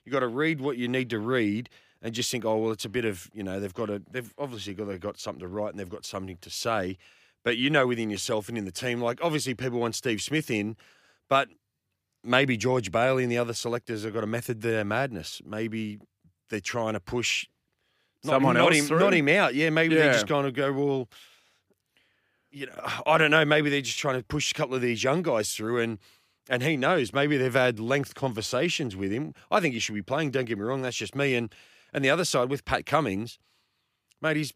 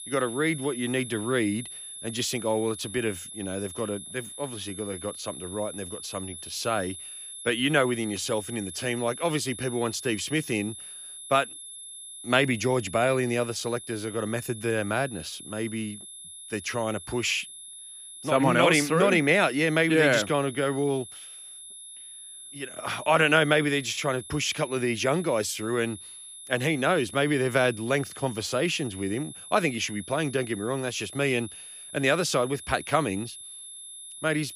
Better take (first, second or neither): first